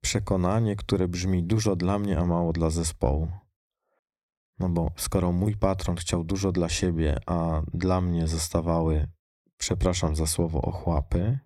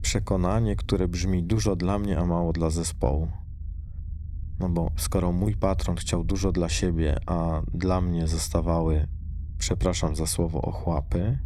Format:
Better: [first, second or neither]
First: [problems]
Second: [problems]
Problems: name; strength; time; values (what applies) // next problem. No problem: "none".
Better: first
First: none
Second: low rumble; faint; throughout; 25 dB below the speech